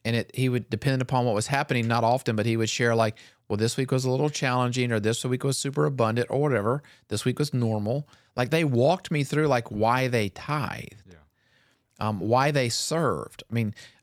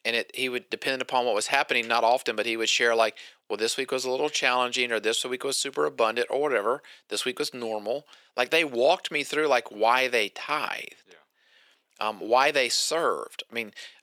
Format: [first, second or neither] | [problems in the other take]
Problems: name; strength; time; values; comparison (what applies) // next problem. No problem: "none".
first | thin; very; fading below 400 Hz